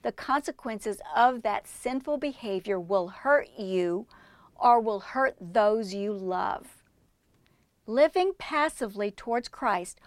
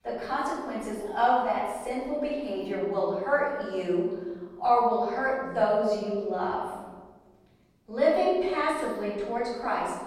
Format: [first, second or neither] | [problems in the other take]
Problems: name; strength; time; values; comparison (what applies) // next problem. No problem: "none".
first | off-mic speech; far // room echo; strong; dies away in 1.4 s